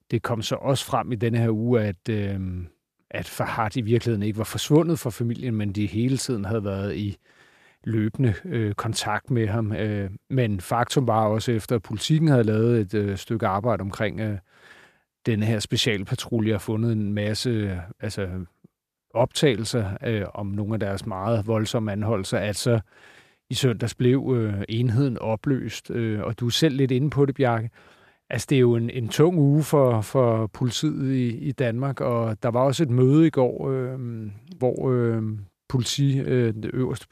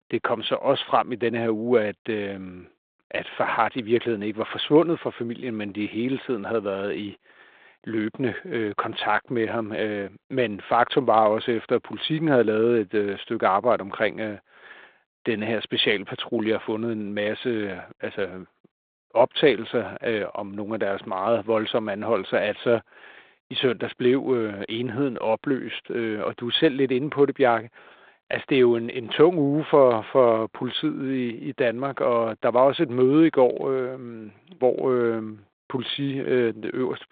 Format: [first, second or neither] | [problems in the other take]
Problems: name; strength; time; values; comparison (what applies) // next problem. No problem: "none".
first | phone-call audio